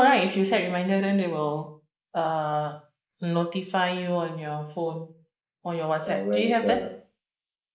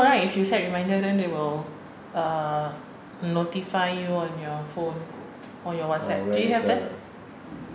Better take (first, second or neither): second